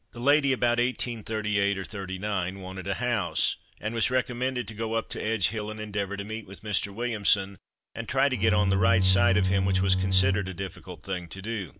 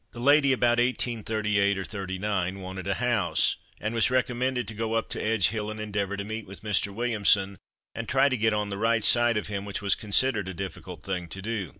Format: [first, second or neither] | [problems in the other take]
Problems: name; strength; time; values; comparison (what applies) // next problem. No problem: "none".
second | background sound (Bowed string instrument); 4 dB above the speech